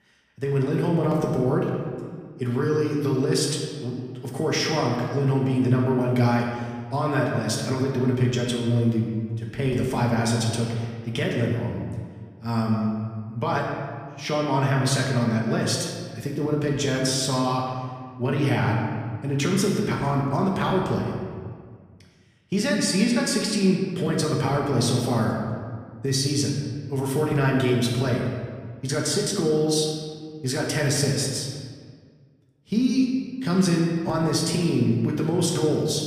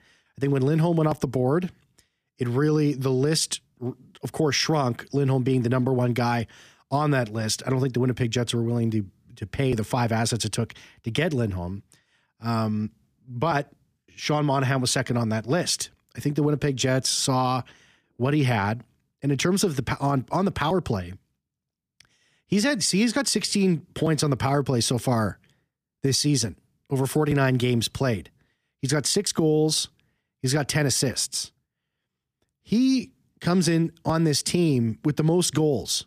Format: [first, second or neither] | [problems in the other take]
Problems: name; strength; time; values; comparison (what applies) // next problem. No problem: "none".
second | room echo; noticeable; dies away in 1.6 s // off-mic speech; somewhat distant